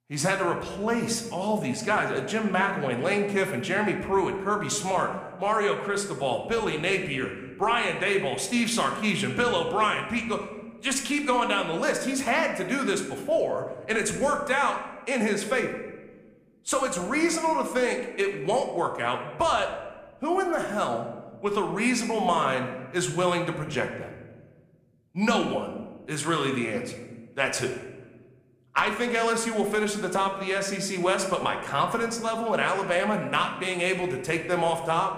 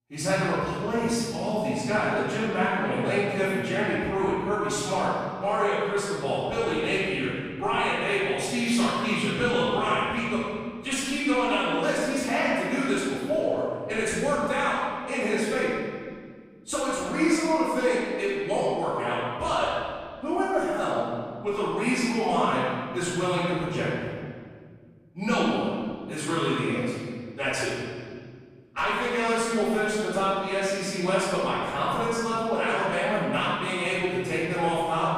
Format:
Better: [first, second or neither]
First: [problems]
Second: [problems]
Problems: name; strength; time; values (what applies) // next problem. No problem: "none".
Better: first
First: room echo; slight; dies away in 1 s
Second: room echo; strong; dies away in 2 s // off-mic speech; far